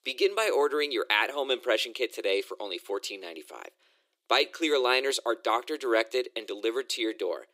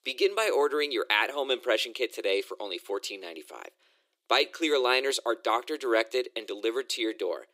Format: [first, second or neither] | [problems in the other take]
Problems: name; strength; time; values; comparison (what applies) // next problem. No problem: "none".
neither | thin; very; fading below 350 Hz; the same in both